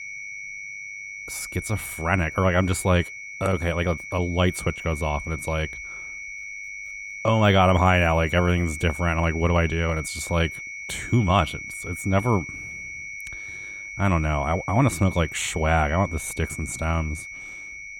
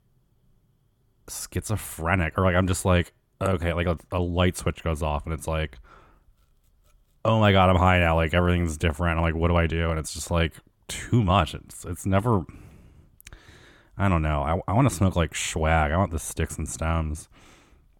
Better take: second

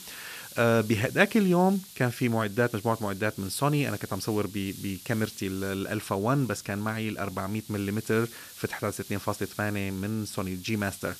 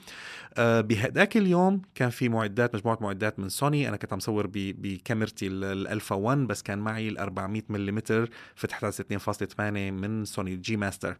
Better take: second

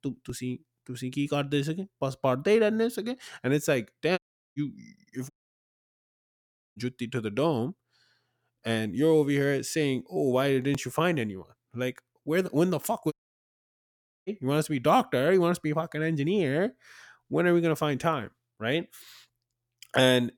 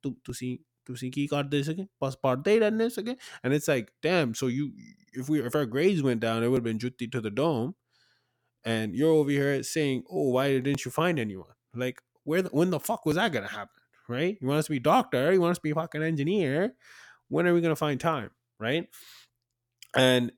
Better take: second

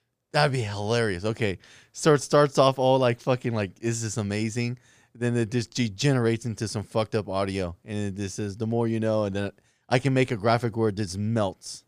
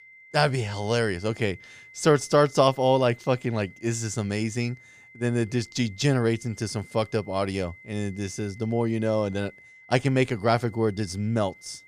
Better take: first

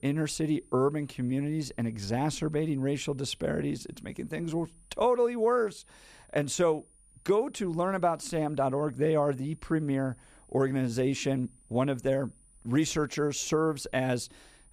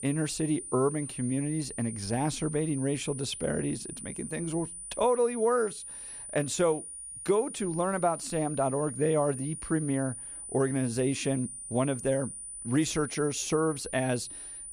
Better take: first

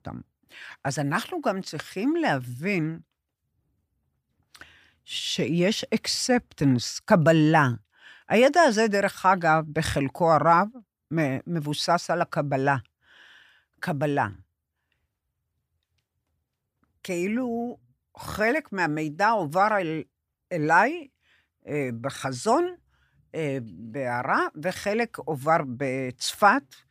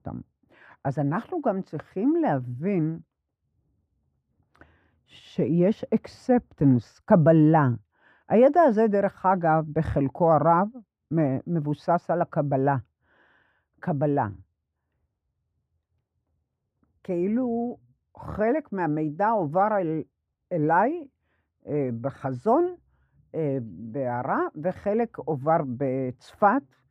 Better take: first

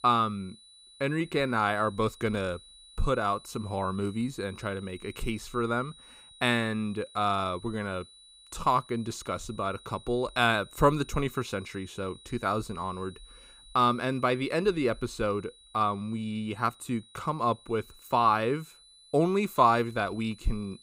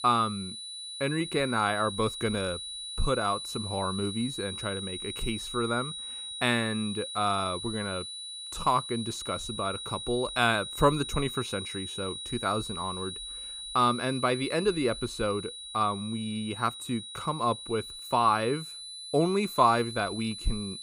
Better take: first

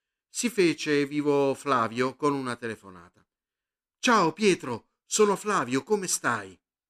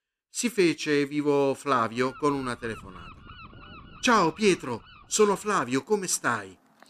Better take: first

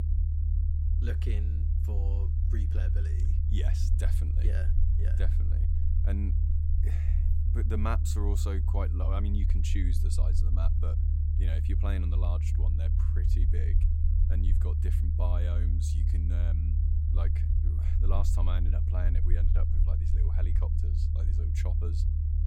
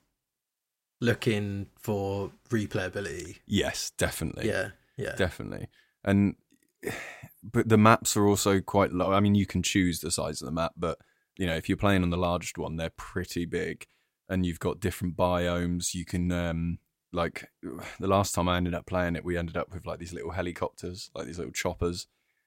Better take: second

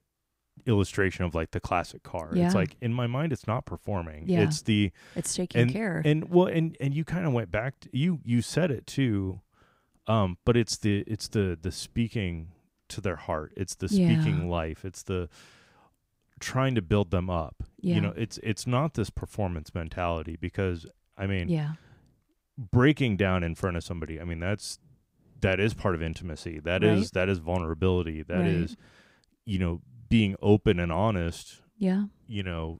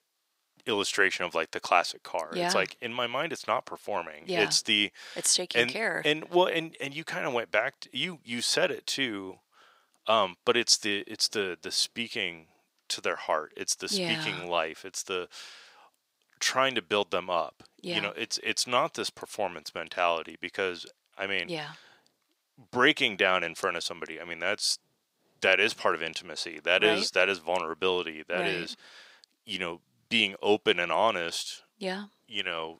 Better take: first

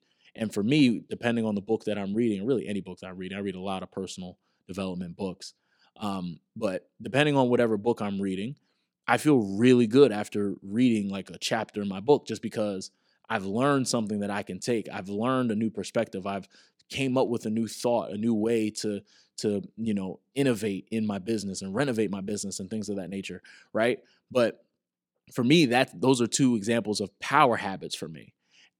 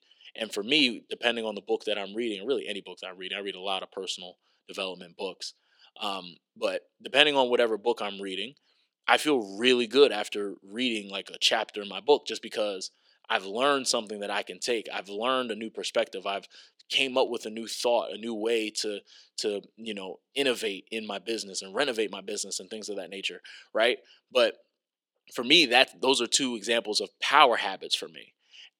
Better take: first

